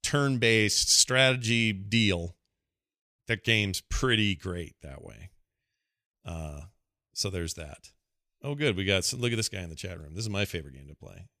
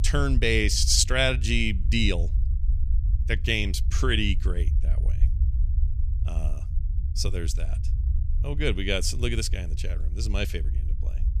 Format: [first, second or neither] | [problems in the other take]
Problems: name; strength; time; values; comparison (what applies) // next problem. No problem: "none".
first | low rumble; faint; throughout; 20 dB below the speech